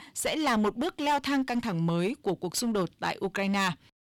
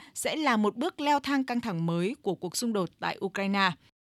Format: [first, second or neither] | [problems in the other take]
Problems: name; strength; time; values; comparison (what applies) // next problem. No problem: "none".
second | distortion; slight; 11% of the sound clipped